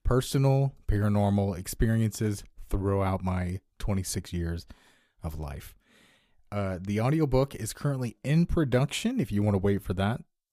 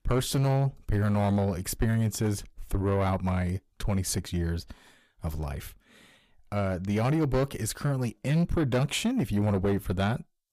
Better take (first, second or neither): first